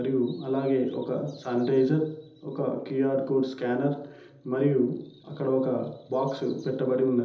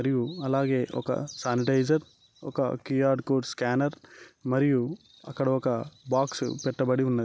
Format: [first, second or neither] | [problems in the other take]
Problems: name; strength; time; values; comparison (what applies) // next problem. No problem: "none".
second | room echo; dies away in 1.2 s